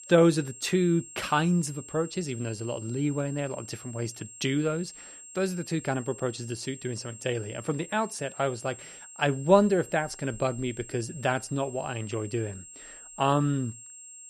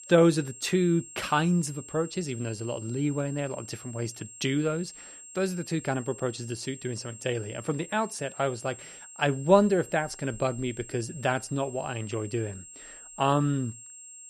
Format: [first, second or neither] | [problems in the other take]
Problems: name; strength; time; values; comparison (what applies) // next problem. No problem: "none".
neither | high-pitched whine; noticeable; throughout; 7.5 kHz, 15 dB below the speech; the same in both